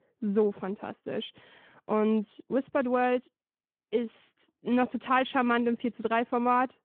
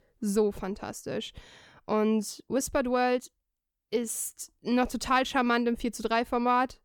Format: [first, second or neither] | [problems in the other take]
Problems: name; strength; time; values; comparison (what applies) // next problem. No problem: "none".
second | phone-call audio; nothing above 3.5 kHz